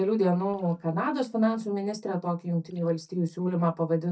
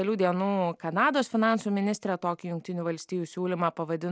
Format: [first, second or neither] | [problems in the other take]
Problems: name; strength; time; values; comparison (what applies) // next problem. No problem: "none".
second | noise reduction (neural mask model DeepFilterNet 3)